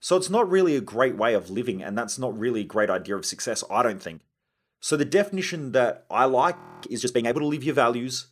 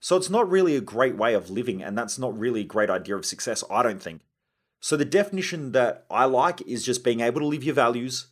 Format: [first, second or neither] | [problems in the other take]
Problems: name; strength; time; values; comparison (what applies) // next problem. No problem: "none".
second | audio freezing; at 6.5 s